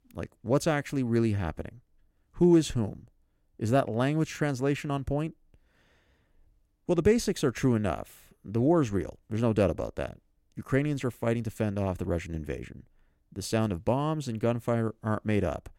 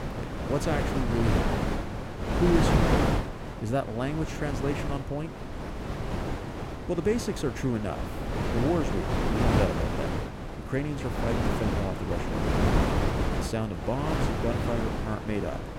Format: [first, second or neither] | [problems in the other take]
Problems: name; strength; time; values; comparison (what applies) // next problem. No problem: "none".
first | wind noise on the microphone; heavy; 1 dB above the speech